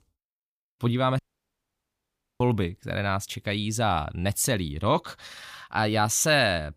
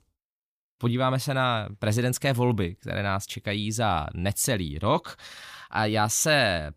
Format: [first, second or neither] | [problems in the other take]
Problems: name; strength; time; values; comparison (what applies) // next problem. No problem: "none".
second | audio cutting out; at 1 s for 1 s